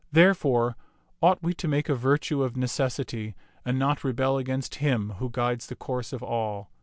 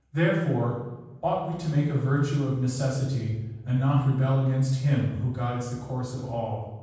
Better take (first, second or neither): first